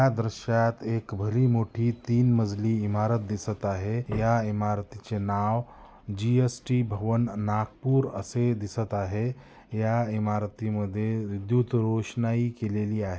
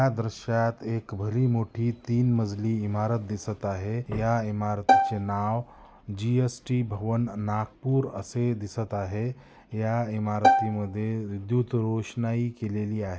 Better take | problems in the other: first | background sound (Bowed string instrument); 3 dB above the speech

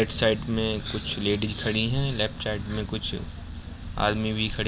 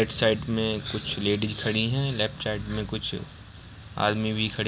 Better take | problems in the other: second | background sound (Engine / Boat, Water vehicle); 10 dB below the speech

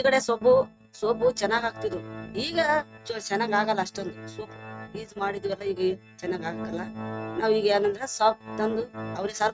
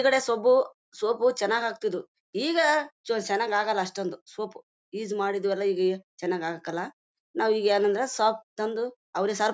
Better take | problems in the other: second | noise reduction (neural mask model RNNoise)

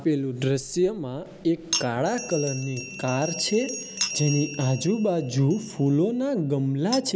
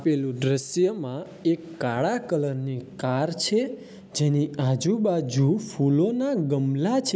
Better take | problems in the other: second | background sound (Bell + Chink, clink); 11 dB below the speech

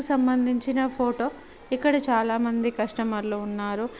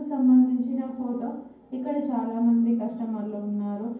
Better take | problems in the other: first | room echo; dies away in 0.9 s

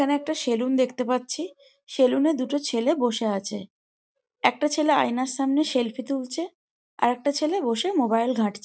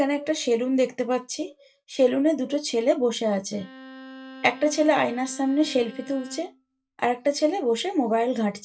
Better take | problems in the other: first | background sound (Bowed string instrument); 18 dB below the speech // room echo; dies away in 0.2 s

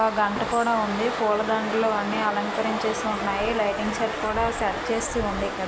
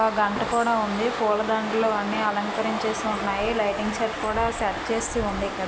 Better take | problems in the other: second | background sound (Alarm); 11 dB below the speech

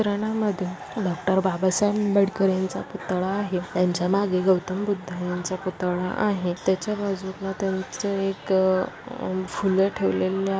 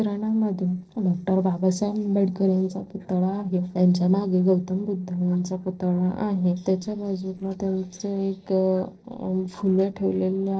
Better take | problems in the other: first | noise reduction (neural separator model SepFormer DNS4)

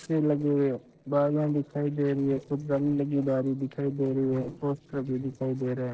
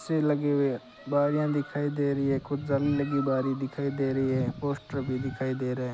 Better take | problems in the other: second | noise reduction (neural separator model SepFormer DNS4)

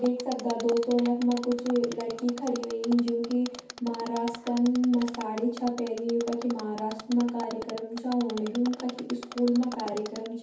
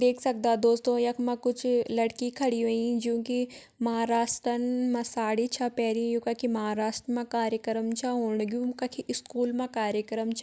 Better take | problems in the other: second | background sound (Mechanisms); 15 dB below the speech // room echo; dies away in 0.6 s

